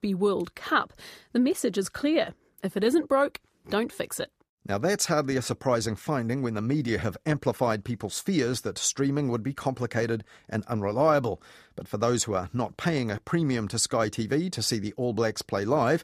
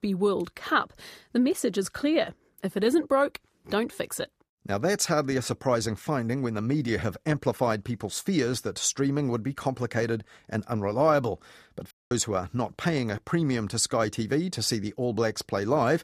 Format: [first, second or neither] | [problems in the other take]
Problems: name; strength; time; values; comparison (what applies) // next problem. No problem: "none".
first | audio cutting out; at 12 s